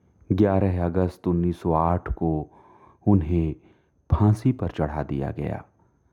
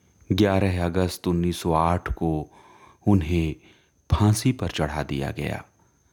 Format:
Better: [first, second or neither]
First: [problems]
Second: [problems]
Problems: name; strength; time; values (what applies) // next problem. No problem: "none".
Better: second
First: muffled; very; fading above 2 kHz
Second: none